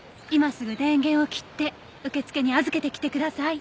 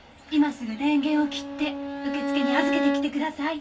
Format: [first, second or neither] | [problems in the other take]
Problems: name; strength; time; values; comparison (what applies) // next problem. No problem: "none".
first | background sound (Bowed string instrument); 3 dB below the speech // room echo; dies away in 0.2 s